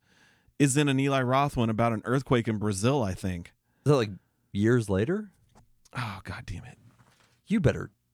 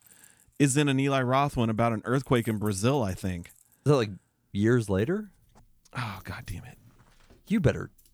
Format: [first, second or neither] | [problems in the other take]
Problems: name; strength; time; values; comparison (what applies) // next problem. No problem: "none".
first | household noises; faint; throughout; 30 dB below the speech